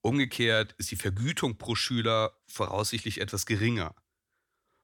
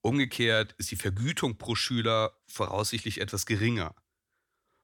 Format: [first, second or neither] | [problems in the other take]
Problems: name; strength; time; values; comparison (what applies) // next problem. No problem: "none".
neither | none